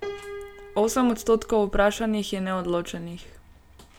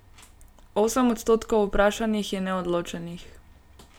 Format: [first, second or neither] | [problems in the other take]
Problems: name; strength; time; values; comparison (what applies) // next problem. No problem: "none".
second | background sound (Piano); 17 dB below the speech